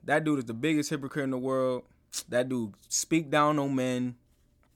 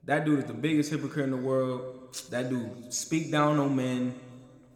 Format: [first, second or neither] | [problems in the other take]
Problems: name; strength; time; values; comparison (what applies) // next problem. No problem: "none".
first | room echo; very slight; dies away in 1.8 s